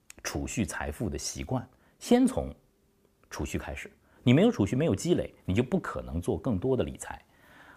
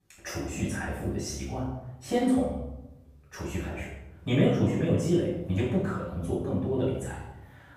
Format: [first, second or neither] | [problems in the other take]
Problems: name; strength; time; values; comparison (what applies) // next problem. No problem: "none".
first | off-mic speech; far // room echo; noticeable; dies away in 0.8 s